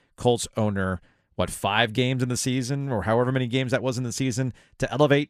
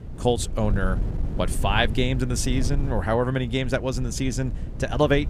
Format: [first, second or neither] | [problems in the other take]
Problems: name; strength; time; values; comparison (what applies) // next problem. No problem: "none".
first | wind noise on the microphone; occasional gusts; 15 dB below the speech